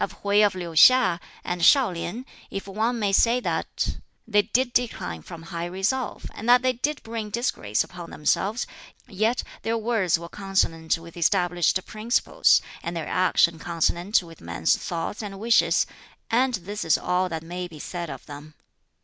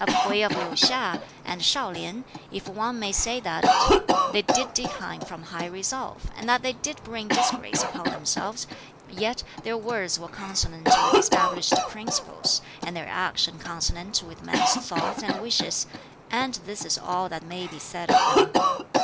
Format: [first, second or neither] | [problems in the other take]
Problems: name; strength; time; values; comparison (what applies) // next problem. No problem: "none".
first | background sound (Cough); 2 dB above the speech